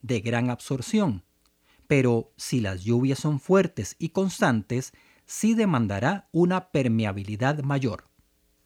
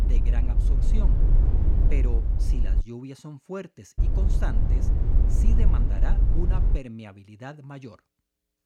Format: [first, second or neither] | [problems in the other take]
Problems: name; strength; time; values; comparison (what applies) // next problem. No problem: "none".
first | low rumble; loud; until 3 s and from 4 to 7 s; as loud as the speech